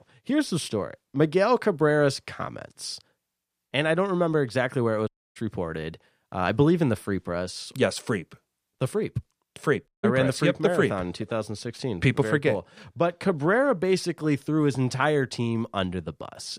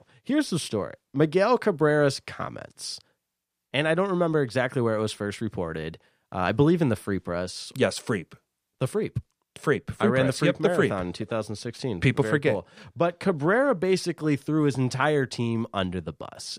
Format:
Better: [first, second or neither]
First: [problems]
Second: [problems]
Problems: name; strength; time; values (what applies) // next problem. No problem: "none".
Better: second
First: audio cutting out; at 5 s and at 10 s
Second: none